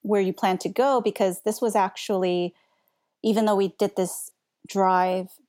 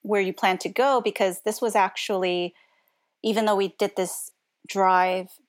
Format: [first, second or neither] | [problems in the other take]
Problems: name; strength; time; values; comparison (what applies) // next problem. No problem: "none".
first | thin; very slightly; fading below 550 Hz